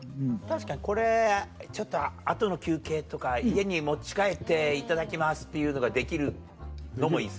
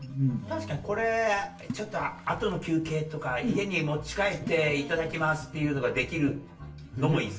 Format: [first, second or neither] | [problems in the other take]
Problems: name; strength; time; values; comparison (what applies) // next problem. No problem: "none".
first | background sound (Water / Splash, splatter); 18 dB below the speech // room echo; dies away in 0.3 s